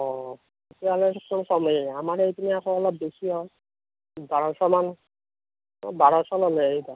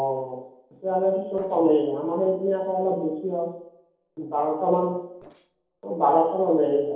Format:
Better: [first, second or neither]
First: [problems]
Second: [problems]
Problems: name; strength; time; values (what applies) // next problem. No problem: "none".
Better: first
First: none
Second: noise reduction (neural separator model SepFormer DNS4)